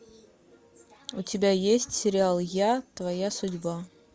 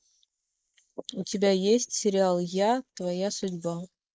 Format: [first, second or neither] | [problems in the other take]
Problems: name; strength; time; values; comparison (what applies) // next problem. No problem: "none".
first | noise reduction (neural mask model Resemble Enhance denoiser)